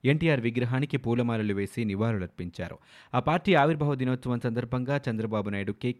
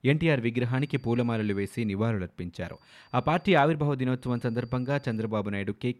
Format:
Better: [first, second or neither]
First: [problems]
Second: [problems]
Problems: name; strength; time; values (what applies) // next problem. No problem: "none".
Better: first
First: none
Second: high-pitched whine; faint; from 0.5 to 2 s, at 2.5 s and at 4 s; 4.5 kHz, 35 dB below the speech